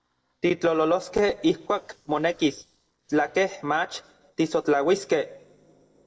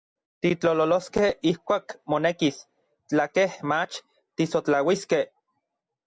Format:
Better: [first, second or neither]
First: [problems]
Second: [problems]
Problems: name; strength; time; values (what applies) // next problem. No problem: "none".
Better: second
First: noise reduction (neural separator model SepFormer DNS4)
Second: none